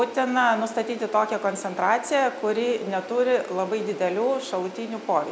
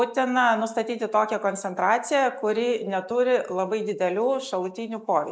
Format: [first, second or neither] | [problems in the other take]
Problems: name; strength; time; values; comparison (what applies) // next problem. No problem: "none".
first | noise reduction (neural mask model Resemble Enhance denoiser)